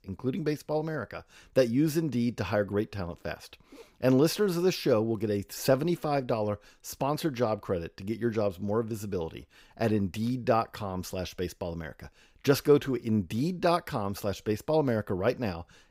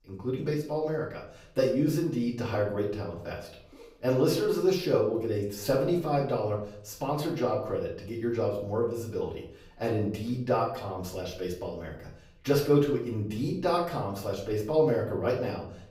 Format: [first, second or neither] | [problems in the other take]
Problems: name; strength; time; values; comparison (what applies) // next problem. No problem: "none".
first | off-mic speech; far // room echo; slight; dies away in 0.5 s